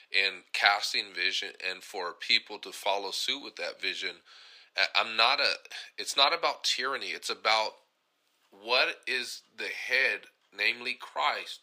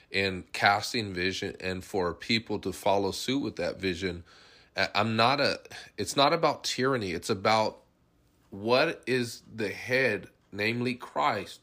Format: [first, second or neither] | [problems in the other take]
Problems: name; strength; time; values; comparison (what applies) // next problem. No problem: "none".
second | thin; very; fading below 650 Hz